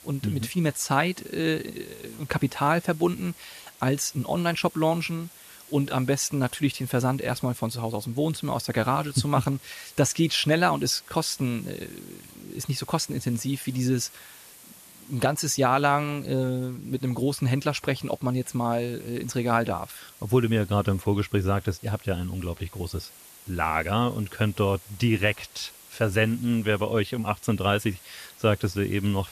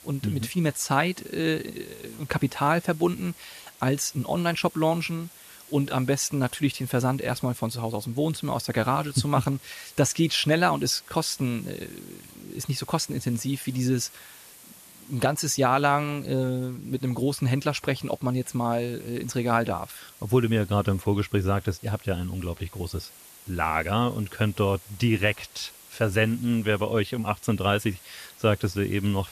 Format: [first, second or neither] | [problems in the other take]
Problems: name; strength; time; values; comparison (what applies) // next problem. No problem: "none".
neither | hiss; faint; throughout; 20 dB below the speech; the same in both